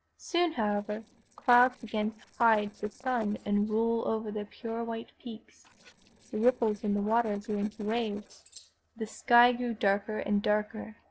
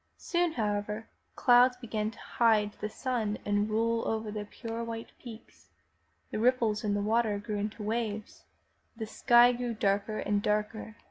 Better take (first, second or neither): second